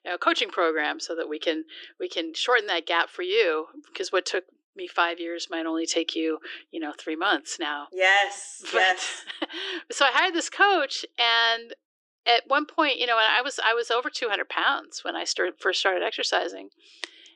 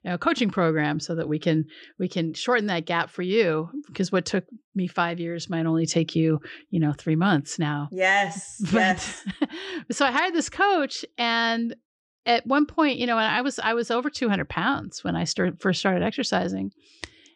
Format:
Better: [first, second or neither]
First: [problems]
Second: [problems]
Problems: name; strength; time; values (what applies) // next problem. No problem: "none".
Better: second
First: thin; very; fading below 350 Hz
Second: none